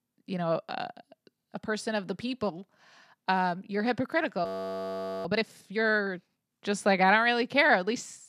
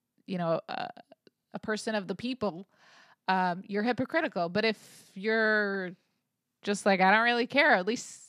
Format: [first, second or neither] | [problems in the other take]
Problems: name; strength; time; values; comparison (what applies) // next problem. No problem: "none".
second | audio freezing; at 4.5 s for 1 s